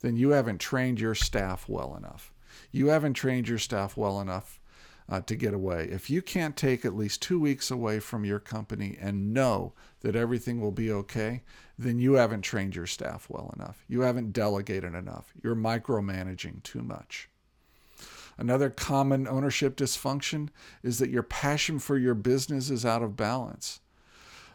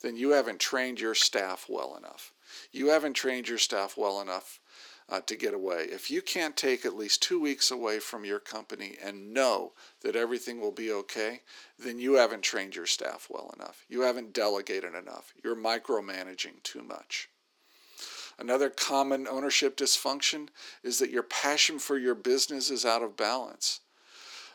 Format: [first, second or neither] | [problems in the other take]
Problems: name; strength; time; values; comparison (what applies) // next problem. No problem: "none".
first | thin; somewhat; fading below 300 Hz